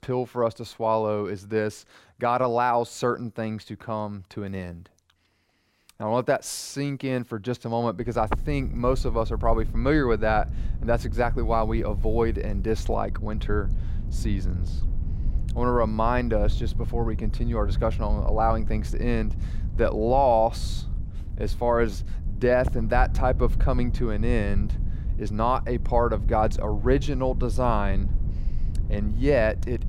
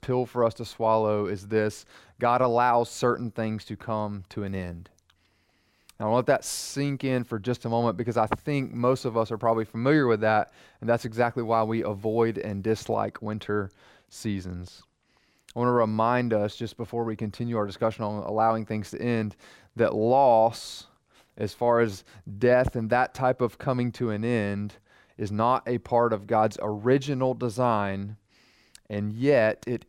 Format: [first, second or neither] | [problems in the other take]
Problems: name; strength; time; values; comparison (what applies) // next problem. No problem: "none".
second | low rumble; faint; from 8 s on; 20 dB below the speech